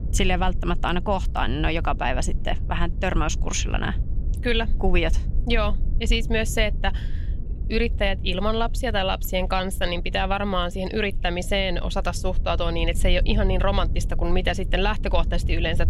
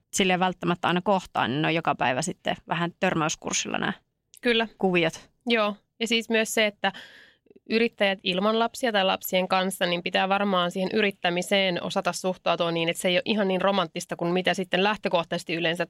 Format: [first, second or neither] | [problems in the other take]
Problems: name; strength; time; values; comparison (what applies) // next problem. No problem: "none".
second | low rumble; faint; throughout; 20 dB below the speech